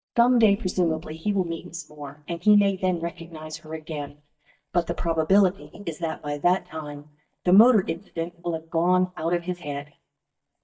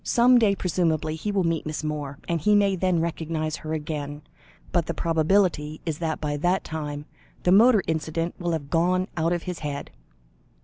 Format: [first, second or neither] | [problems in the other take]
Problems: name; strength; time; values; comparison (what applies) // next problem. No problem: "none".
second | noise reduction (neural mask model DeepFilterNet 3)